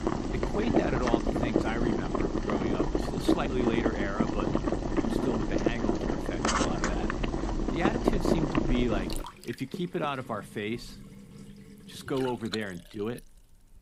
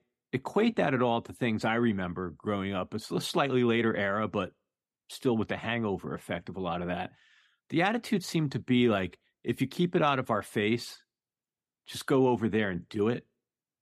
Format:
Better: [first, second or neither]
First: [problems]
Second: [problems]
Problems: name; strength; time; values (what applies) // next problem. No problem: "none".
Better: second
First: household noises; very loud; throughout; 5 dB above the speech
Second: none